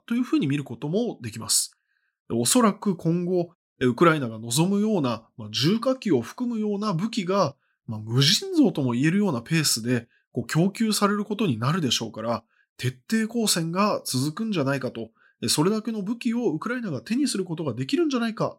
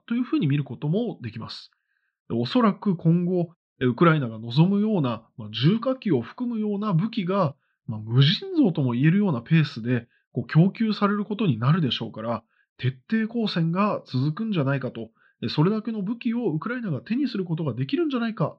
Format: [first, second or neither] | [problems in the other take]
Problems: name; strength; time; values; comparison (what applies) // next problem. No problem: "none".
first | muffled; slightly; fading above 4 kHz